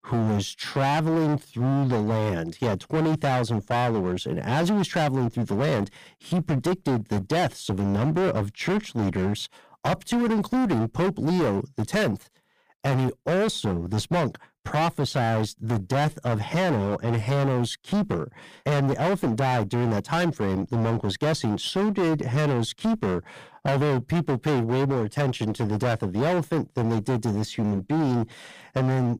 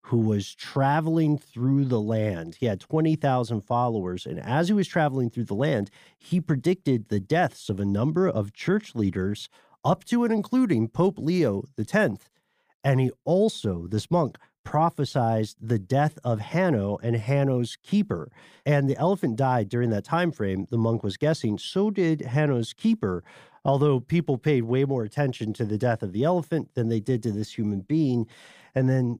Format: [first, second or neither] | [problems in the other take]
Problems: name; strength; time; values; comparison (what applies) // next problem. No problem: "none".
second | distortion; heavy; 30% of the sound clipped